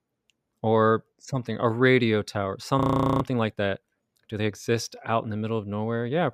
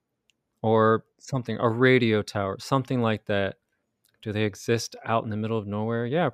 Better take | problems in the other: second | audio freezing; at 3 s

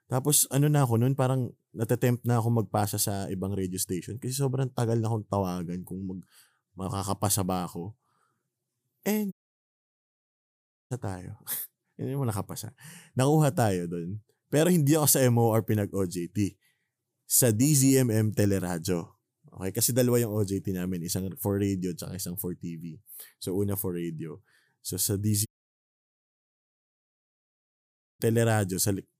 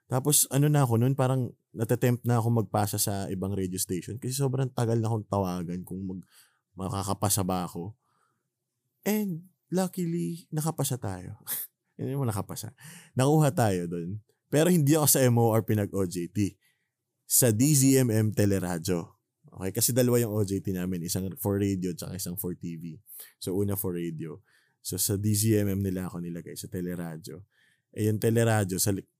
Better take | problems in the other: second | audio cutting out; at 9.5 s for 1.5 s and at 25 s for 2.5 s

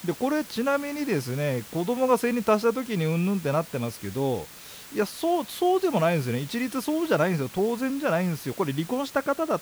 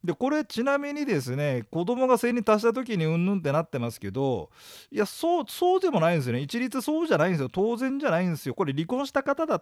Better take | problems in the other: second | hiss; noticeable; throughout; 15 dB below the speech

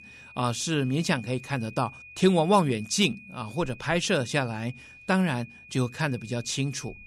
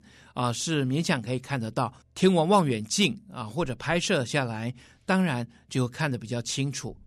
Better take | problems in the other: second | high-pitched whine; noticeable; throughout; 2.5 kHz, 20 dB below the speech

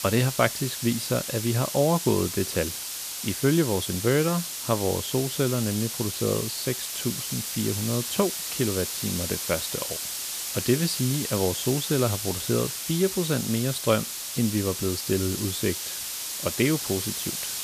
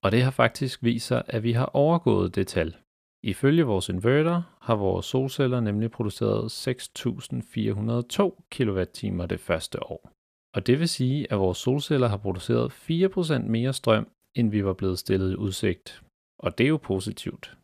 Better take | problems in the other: second | hiss; loud; throughout; 3 dB below the speech

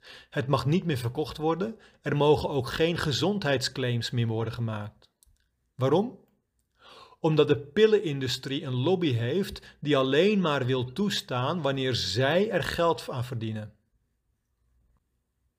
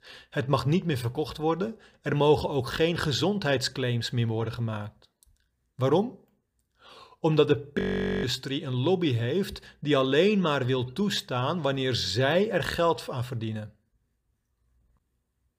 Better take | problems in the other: first | audio freezing; at 8 s

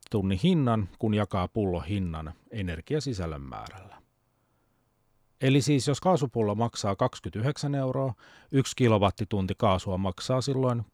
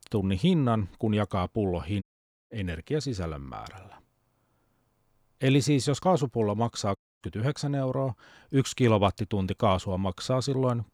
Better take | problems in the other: first | audio cutting out; at 2 s and at 7 s

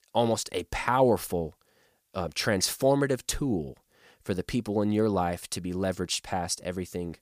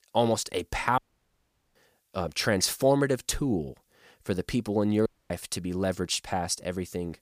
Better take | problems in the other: first | audio cutting out; at 1 s for 1 s and at 5 s

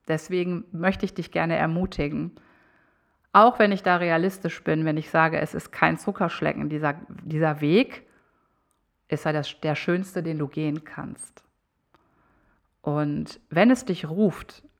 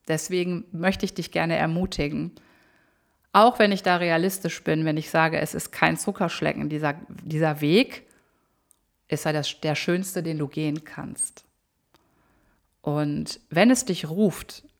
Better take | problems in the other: second | muffled; slightly; fading above 3.5 kHz

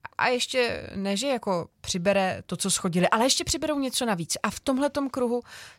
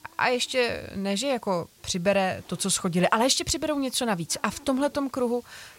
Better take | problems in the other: first | hiss; faint; throughout; 25 dB below the speech

